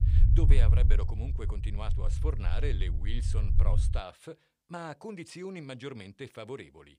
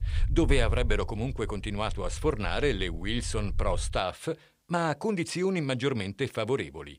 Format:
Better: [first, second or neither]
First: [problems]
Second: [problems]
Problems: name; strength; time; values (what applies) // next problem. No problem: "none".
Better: second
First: low rumble; loud; until 4 s; 5 dB below the speech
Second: low rumble; faint; until 4 s; 25 dB below the speech